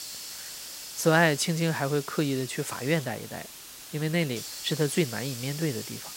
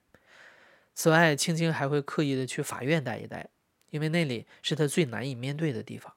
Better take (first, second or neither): second